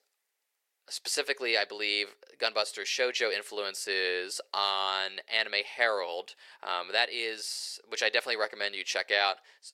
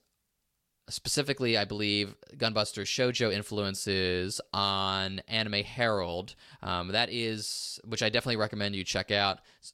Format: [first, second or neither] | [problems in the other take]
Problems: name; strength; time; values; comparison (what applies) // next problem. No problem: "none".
second | thin; very; fading below 450 Hz